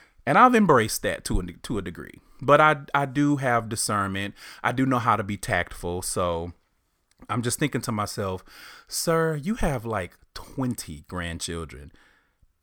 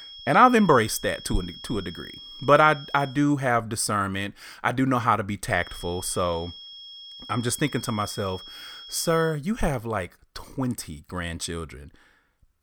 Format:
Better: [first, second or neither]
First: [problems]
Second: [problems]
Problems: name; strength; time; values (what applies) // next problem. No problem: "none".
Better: first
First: none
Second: high-pitched whine; noticeable; until 3 s and from 5.5 to 9.5 s; 3.5 kHz, 15 dB below the speech